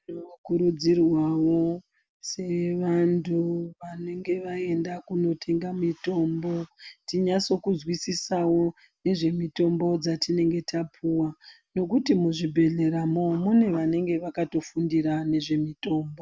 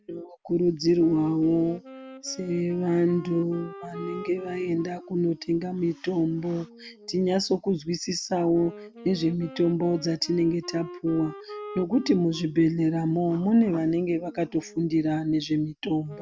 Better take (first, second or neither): first